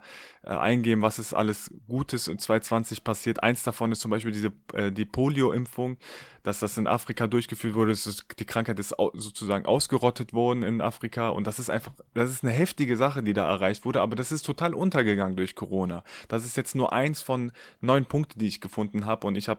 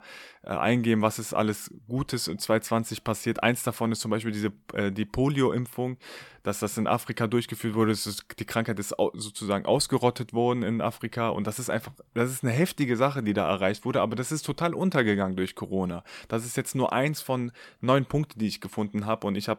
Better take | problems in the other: second | garbled, watery; slightly; nothing above 15.5 kHz

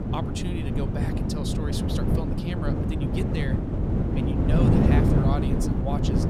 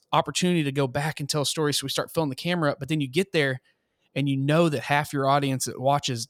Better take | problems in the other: second | wind noise on the microphone; heavy; 4 dB above the speech

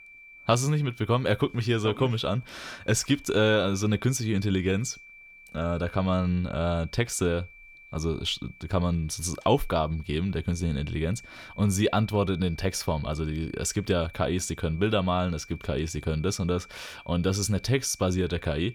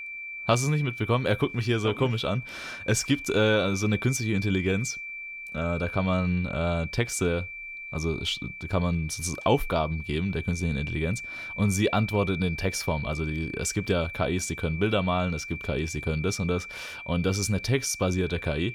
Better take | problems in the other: first | high-pitched whine; loud; throughout; 2.5 kHz, 9 dB below the speech; faint in the first

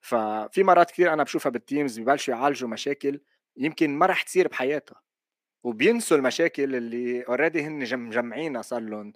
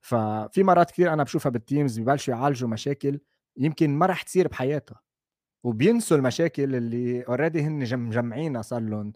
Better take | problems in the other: second | thin; very slightly; fading below 250 Hz

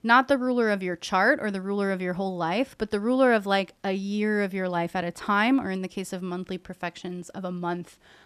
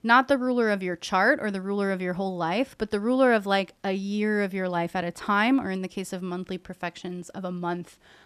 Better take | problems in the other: neither | none

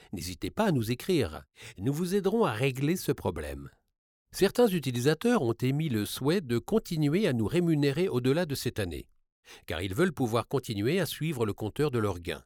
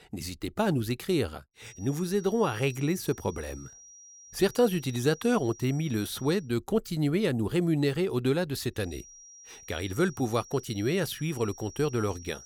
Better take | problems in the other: first | high-pitched whine; noticeable; from 1.5 to 6.5 s and from 9 s on; 5.5 kHz, 20 dB below the speech

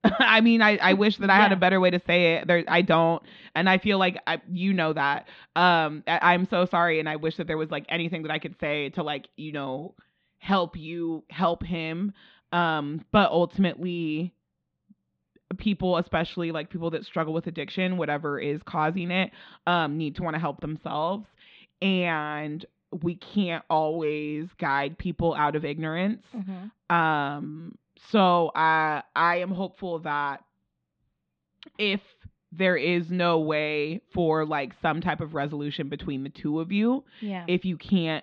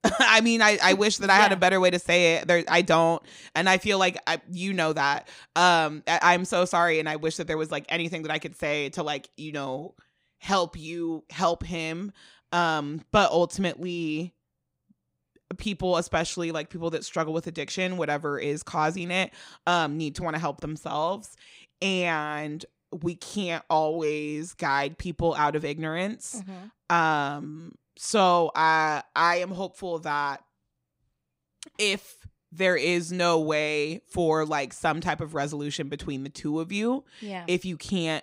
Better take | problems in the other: second | muffled; slightly; fading above 3.5 kHz

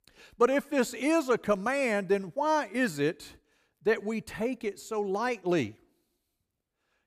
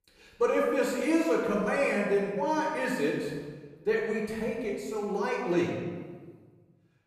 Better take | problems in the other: first | off-mic speech; far // room echo; noticeable; dies away in 1.3 s

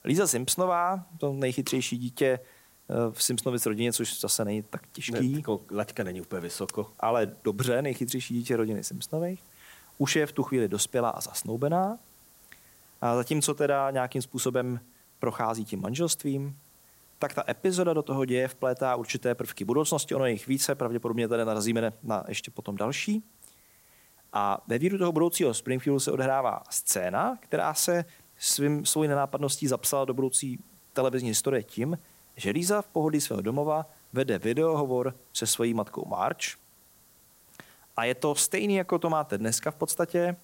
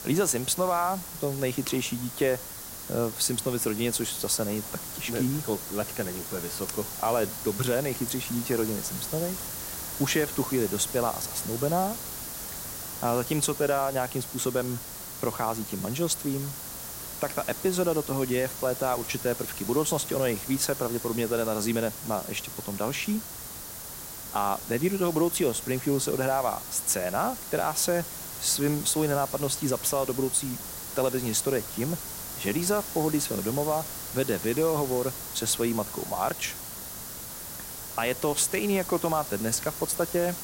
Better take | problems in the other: first | hiss; loud; throughout; 7 dB below the speech; faint in the first

